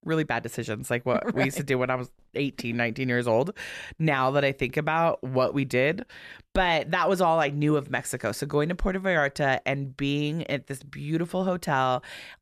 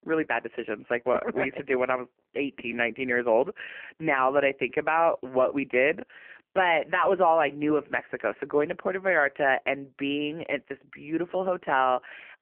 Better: first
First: none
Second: phone-call audio; poor line; nothing above 3 kHz

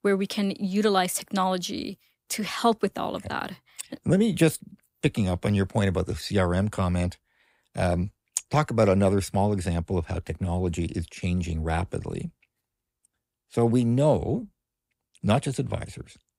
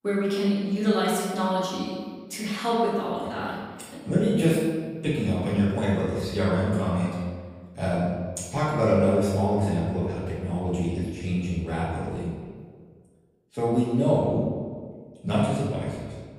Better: first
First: none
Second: off-mic speech; far // room echo; strong; dies away in 1.4 s

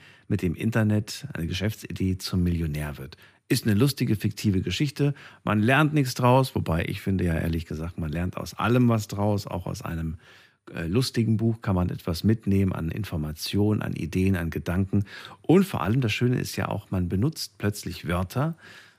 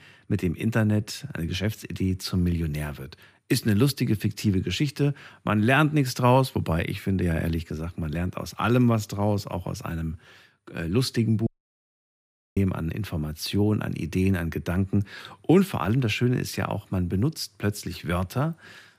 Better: first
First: none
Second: audio cutting out; at 11 s for 1 s

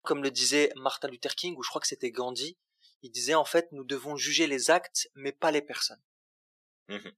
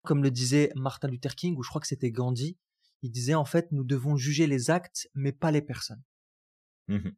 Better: second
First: thin; very; fading below 400 Hz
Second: none

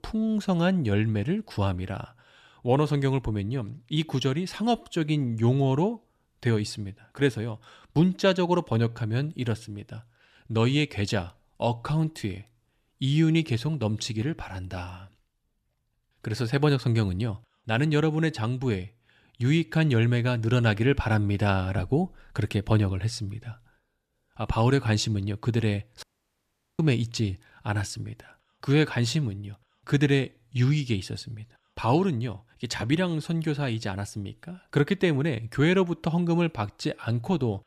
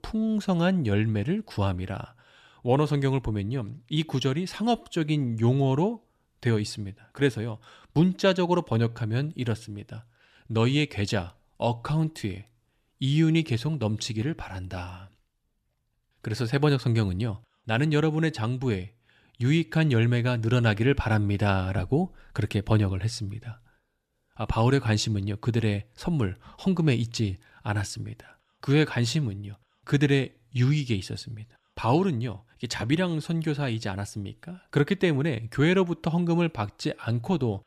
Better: second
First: audio cutting out; at 26 s for 1 s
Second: none

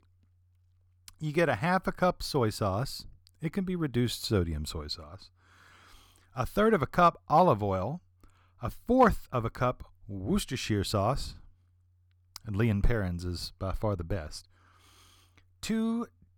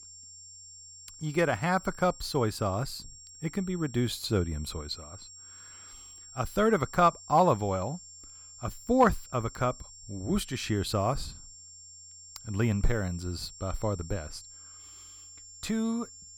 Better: first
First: none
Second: high-pitched whine; noticeable; throughout; 7.5 kHz, 15 dB below the speech

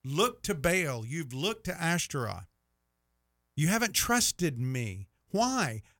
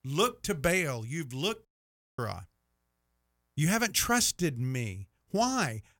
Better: first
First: none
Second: audio cutting out; at 1.5 s for 0.5 s

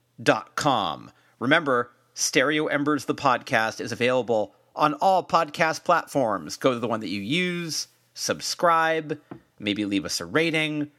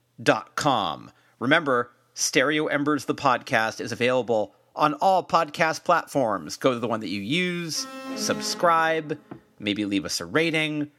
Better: first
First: none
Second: alarm; noticeable; from 8 to 9 s; peak 9 dB below the speech

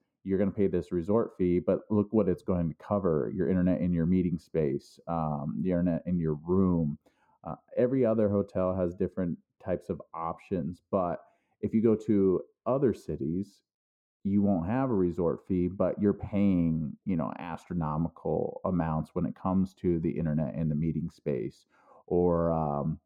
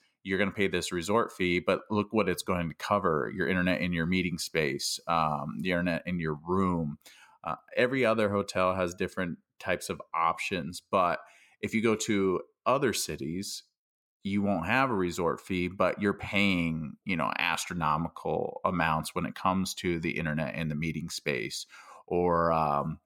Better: second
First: muffled; very; fading above 1 kHz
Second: none

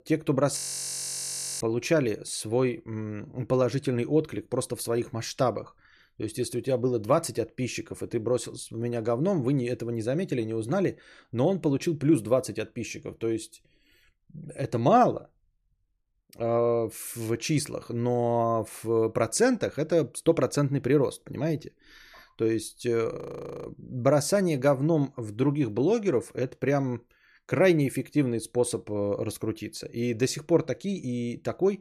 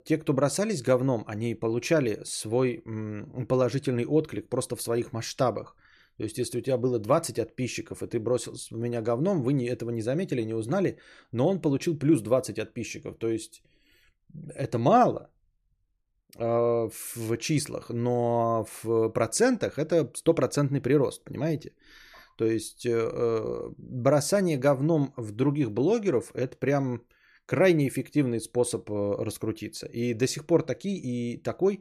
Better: second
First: audio freezing; at 0.5 s for 1 s and at 23 s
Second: none

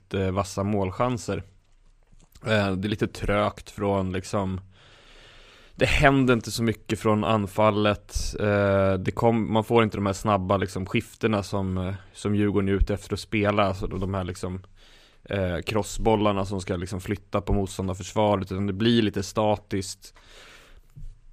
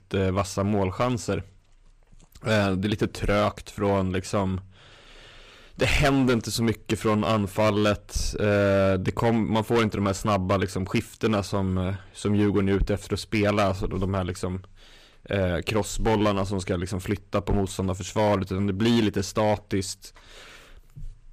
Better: first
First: none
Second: distortion; slight; 6% of the sound clipped

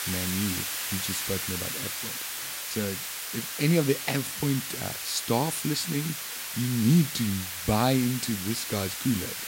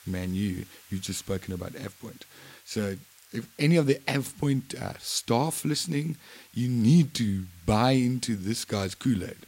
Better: second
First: hiss; loud; throughout; 3 dB below the speech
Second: hiss; faint; throughout; 25 dB below the speech

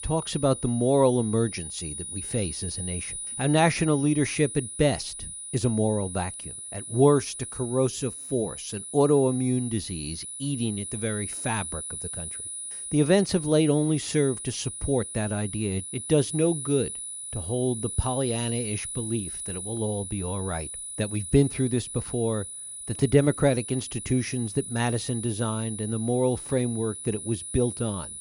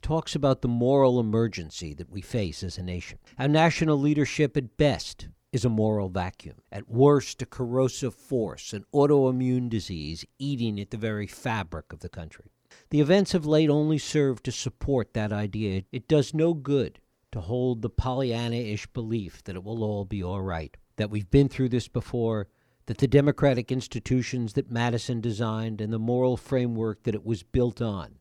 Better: second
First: high-pitched whine; loud; throughout; 10 kHz, 8 dB below the speech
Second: none

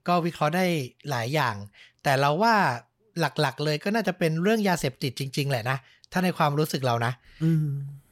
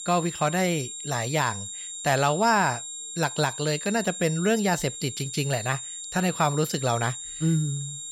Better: first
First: none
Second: high-pitched whine; loud; throughout; 7.5 kHz, 8 dB below the speech

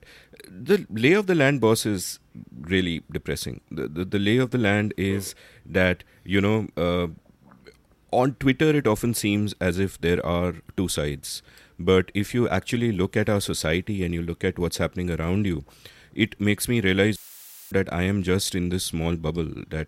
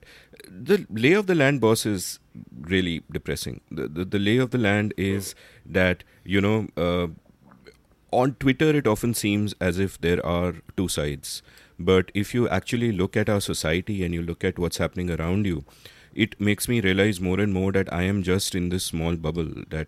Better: second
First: audio cutting out; filled with static; at 17 s for 0.5 s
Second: none

